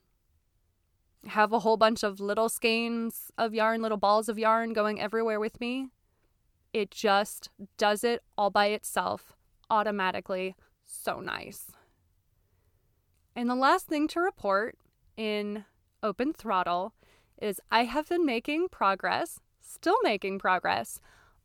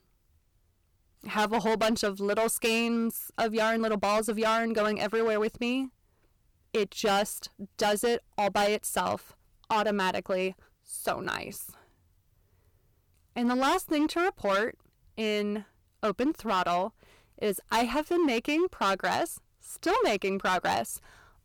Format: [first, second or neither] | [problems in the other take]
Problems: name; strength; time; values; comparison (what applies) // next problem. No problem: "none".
first | distortion; heavy; 10% of the sound clipped